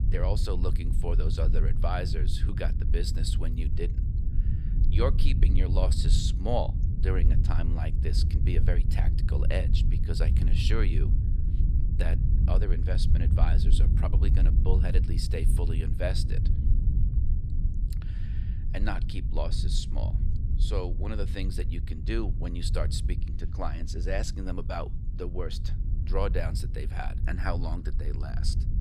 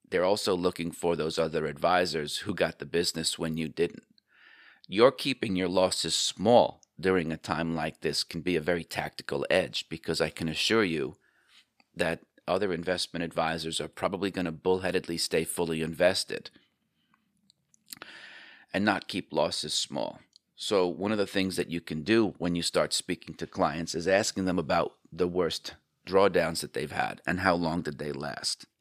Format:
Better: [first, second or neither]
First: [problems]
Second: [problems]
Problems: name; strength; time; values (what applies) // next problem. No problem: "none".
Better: second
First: low rumble; loud; throughout; 8 dB below the speech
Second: none